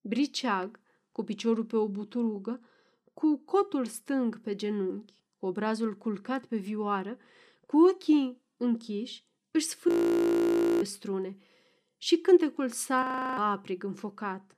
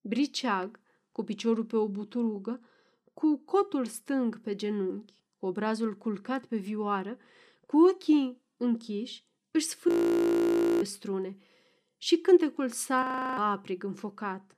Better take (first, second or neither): neither